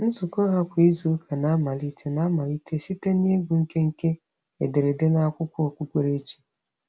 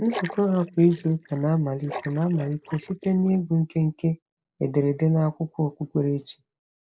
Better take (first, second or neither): first